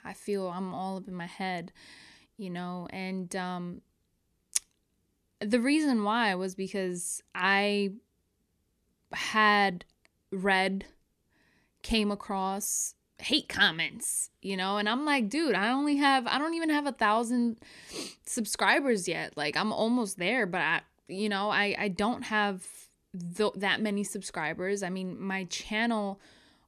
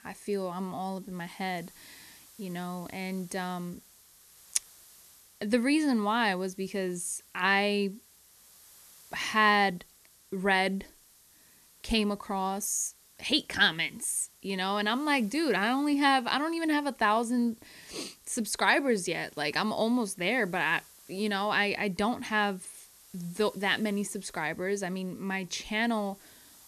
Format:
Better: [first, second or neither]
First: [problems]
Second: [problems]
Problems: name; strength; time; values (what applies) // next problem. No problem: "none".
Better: first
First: none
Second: hiss; faint; throughout; 25 dB below the speech